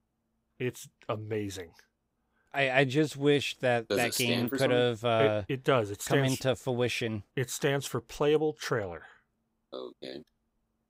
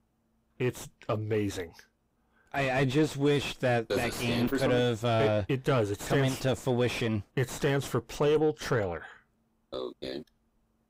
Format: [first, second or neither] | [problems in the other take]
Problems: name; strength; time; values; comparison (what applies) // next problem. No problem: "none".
first | distortion; heavy; 5 dB below the speech